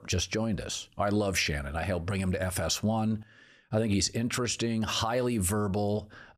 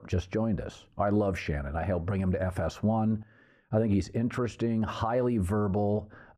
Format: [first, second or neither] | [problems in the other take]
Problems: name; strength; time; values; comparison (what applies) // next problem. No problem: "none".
first | muffled; very; fading above 2.5 kHz